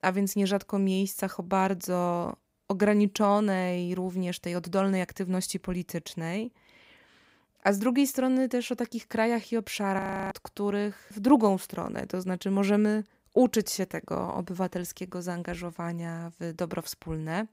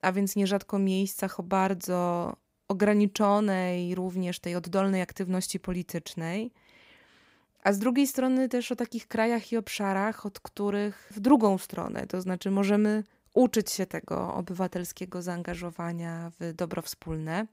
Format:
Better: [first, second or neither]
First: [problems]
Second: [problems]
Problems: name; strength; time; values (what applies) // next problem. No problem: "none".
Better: second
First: audio freezing; at 10 s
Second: none